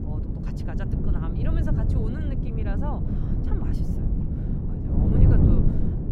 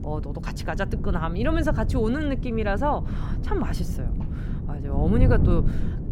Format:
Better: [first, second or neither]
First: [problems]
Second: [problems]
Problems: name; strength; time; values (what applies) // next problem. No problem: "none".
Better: second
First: wind noise on the microphone; heavy; 5 dB above the speech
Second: wind noise on the microphone; occasional gusts; 10 dB below the speech